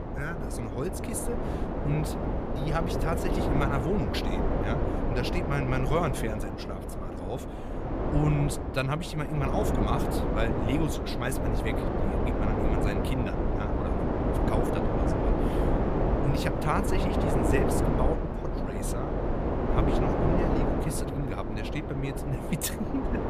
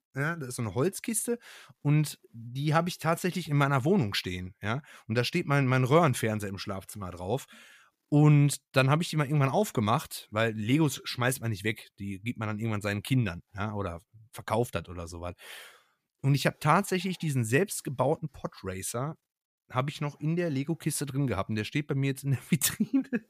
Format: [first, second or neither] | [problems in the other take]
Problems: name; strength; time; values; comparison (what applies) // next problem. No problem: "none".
second | wind noise on the microphone; heavy; 3 dB above the speech